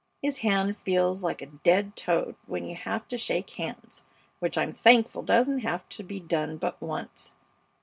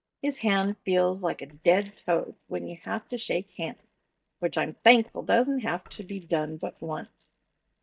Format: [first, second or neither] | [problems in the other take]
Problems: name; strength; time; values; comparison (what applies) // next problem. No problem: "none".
first | noise reduction (neural mask model DeepFilterNet 3)